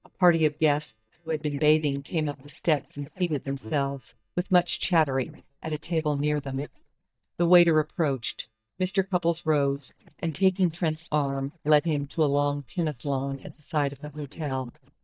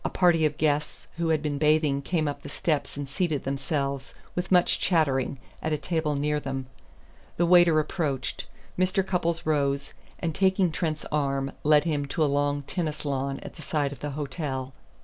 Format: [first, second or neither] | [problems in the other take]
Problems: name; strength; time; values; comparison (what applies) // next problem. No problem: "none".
second | noise reduction (neural mask model DeepFilterNet 3)